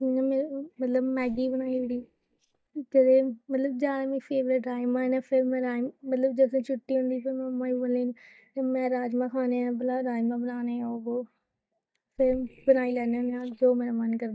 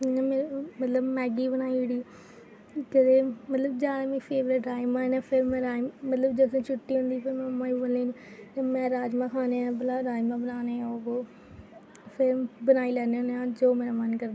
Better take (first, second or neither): second